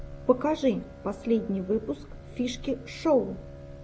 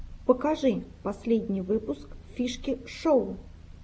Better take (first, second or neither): second